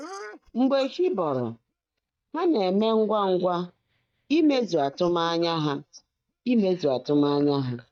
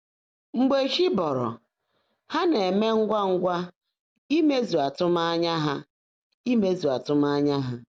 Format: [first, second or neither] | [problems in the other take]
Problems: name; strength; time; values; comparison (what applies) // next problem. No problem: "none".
second | noise reduction (neural mask model DeepFilterNet 3)